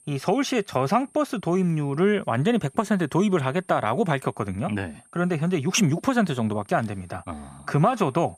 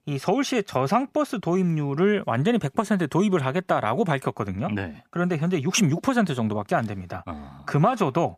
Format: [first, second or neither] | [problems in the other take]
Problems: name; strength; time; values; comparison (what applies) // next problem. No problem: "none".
second | high-pitched whine; faint; throughout; 8.5 kHz, 30 dB below the speech